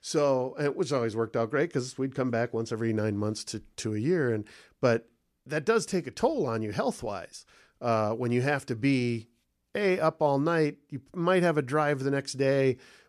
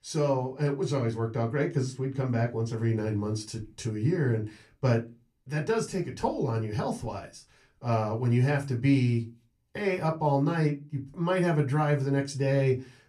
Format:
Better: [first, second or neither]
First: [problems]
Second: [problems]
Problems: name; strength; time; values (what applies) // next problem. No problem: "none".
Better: first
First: none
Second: off-mic speech; somewhat distant // room echo; very slight; dies away in 0.2 s